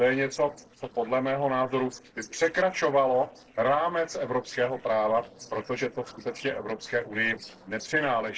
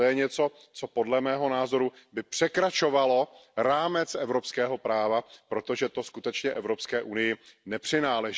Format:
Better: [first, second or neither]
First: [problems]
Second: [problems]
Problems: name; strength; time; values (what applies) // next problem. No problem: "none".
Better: second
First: noise reduction (neural separator model SepFormer DNS4)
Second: none